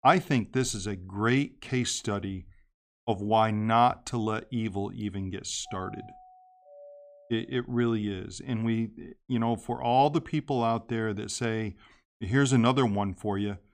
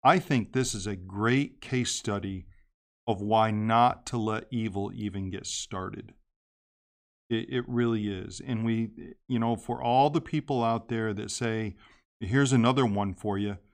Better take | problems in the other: second | doorbell; faint; from 5.5 to 7.5 s; peak 15 dB below the speech

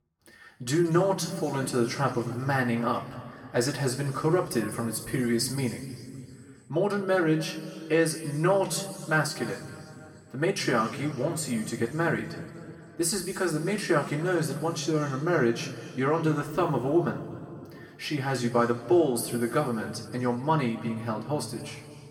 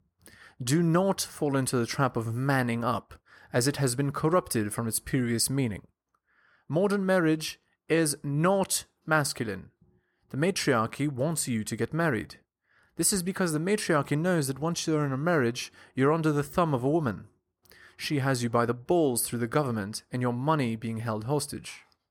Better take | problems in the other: second | room echo; noticeable; dies away in 2.2 s // off-mic speech; somewhat distant

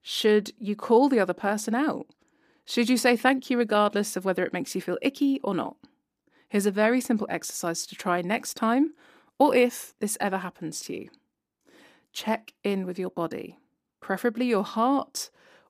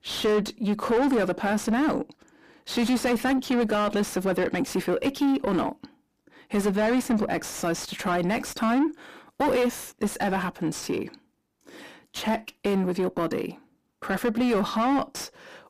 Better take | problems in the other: first | distortion; heavy; 6 dB below the speech

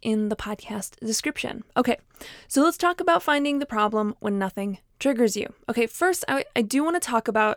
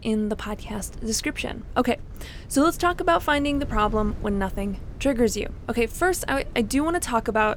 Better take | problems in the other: first | wind noise on the microphone; occasional gusts; 25 dB below the speech

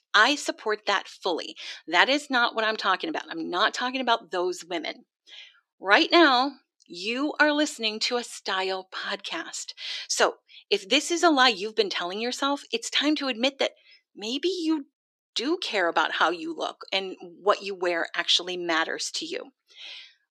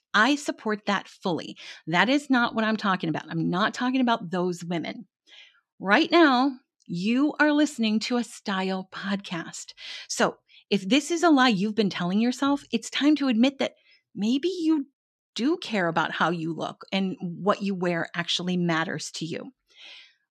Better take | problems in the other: second | thin; somewhat; fading below 350 Hz

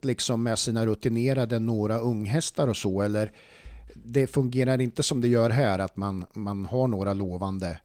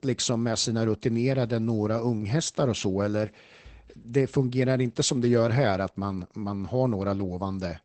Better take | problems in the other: first | garbled, watery; badly; nothing above 8 kHz; slightly in the first

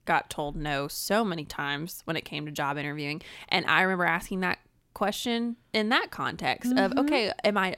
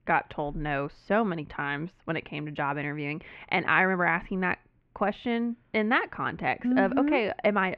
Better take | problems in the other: first | muffled; very; fading above 2.5 kHz

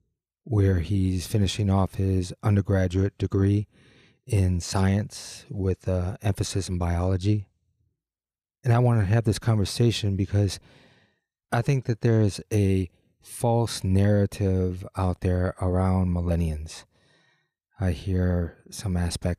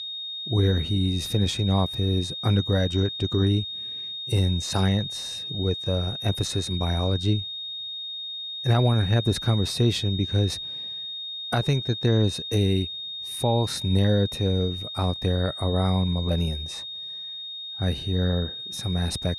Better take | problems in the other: first | high-pitched whine; loud; throughout; 3.5 kHz, 6 dB below the speech

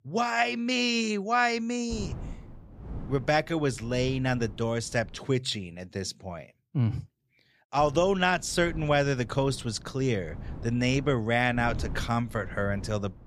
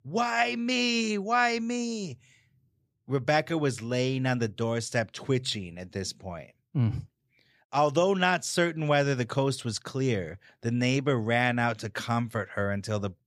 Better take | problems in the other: second | wind noise on the microphone; occasional gusts; from 2 to 5 s and from 8 s on; 25 dB below the speech

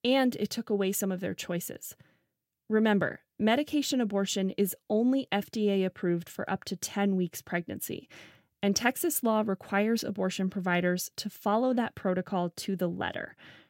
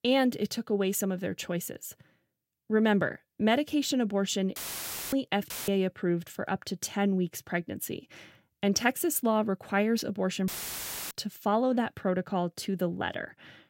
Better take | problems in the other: first | audio cutting out; filled with static; at 4.5 s for 0.5 s, at 5.5 s and at 10 s for 0.5 s

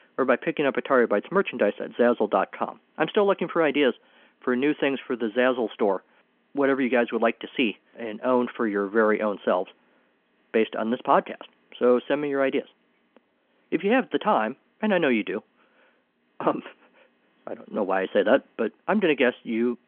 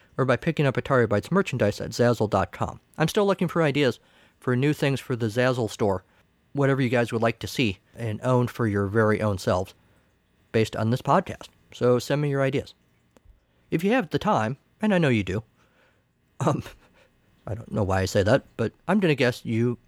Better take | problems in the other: second | phone-call audio

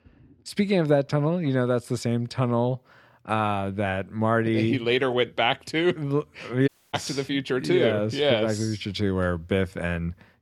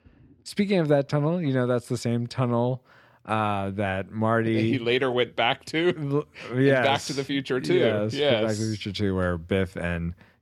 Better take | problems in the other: second | audio cutting out; at 6.5 s

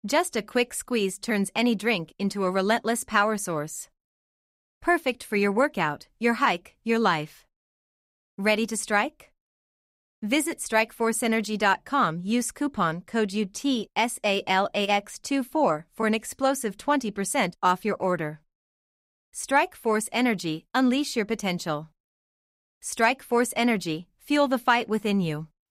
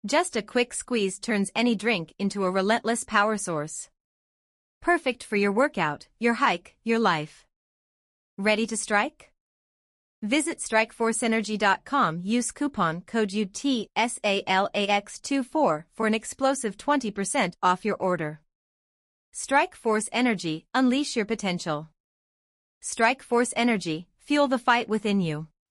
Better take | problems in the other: first | garbled, watery; slightly

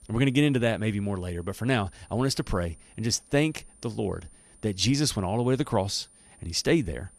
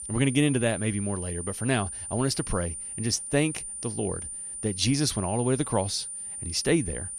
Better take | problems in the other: first | high-pitched whine; loud; throughout; 9 kHz, 6 dB below the speech; faint in the first

